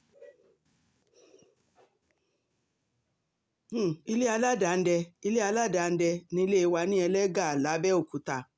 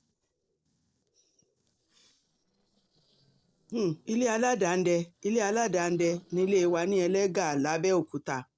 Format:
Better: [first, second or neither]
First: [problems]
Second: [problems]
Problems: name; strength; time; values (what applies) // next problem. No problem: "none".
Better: first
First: none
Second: noise reduction (neural separator model SepFormer DNS4)